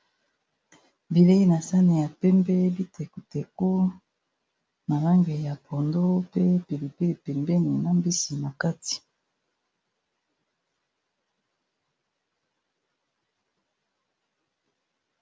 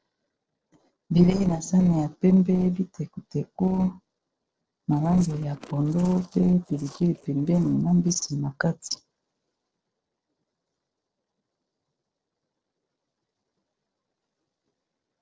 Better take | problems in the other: first | noise reduction (neural separator model SepFormer DNS4)

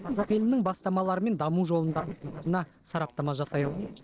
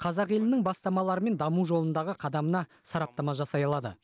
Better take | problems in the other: second | noise reduction (neural separator model SepFormer DNS4)

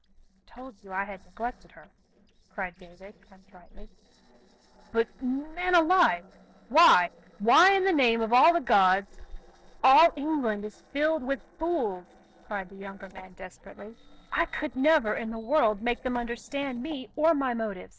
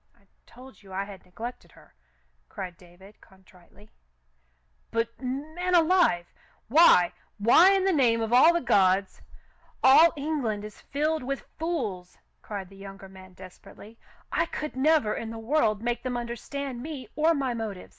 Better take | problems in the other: second | noise reduction (neural separator model SepFormer DNS4)

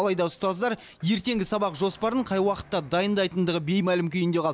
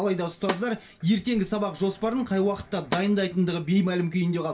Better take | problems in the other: first | background sound (Snare drum); 13 dB below the speech // room echo; dies away in 0.2 s

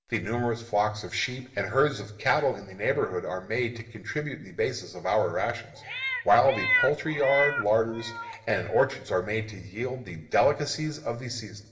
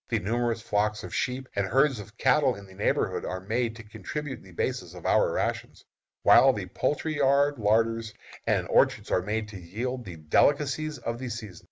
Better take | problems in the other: second | background sound (Meow); 4 dB below the speech // room echo; dies away in 2 s

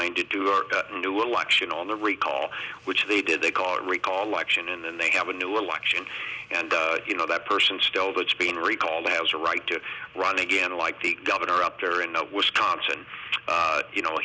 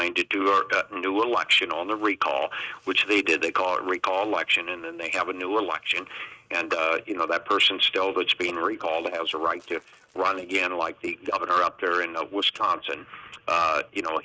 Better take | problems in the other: first | noise reduction (neural mask model RNNoise)

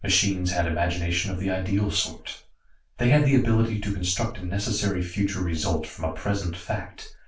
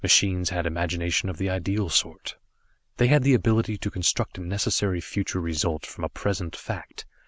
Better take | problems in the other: second | room echo; dies away in 0.3 s

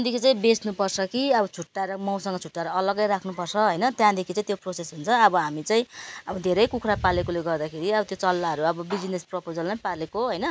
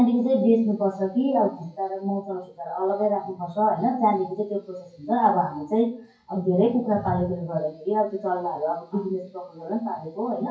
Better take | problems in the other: first | noise reduction (classical method WPE with log-MMSE)

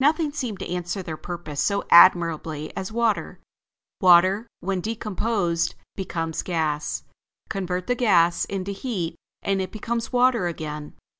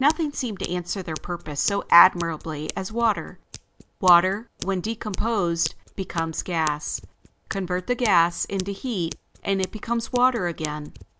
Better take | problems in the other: first | background sound (Scissors); 17 dB below the speech

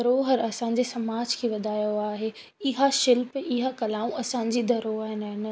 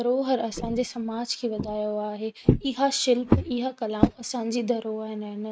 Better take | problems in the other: first | noise reduction (neural mask model RNNoise)

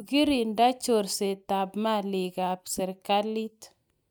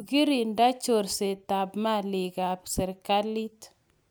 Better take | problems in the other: second | noise reduction (neural mask model DeepFilterNet 3)

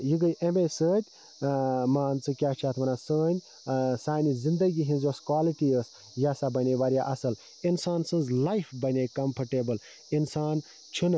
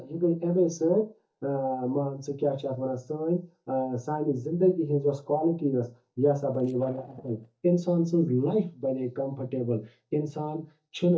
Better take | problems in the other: first | noise reduction (neural mask model DeepFilterNet 3)

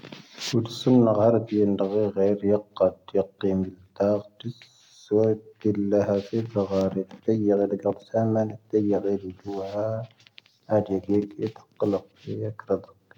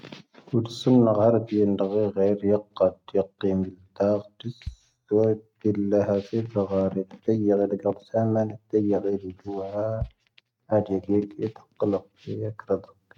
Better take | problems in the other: first | noise reduction (neural mask model RNNoise)

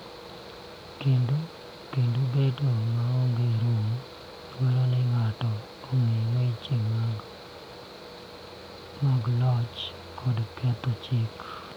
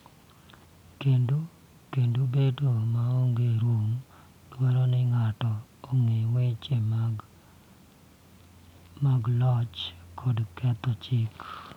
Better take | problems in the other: second | background sound (Mechanical fan); 17 dB below the speech

